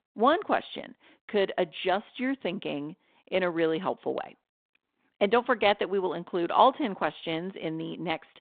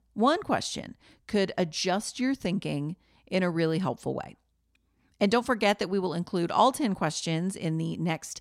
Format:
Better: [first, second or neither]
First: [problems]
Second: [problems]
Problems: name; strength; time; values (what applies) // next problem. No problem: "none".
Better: second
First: phone-call audio; nothing above 3.5 kHz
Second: none